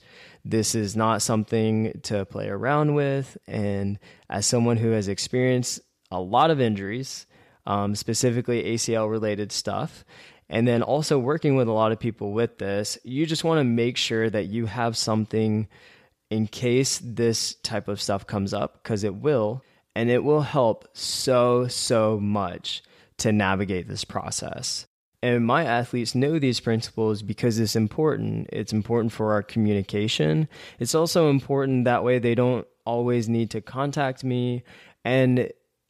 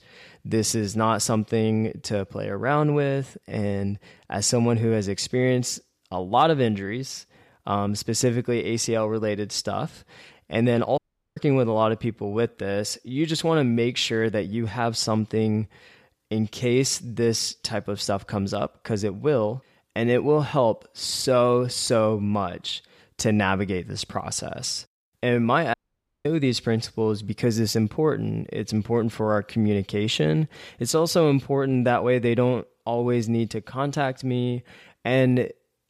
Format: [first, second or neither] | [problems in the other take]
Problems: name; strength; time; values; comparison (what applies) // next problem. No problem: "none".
first | audio cutting out; at 11 s and at 26 s for 0.5 s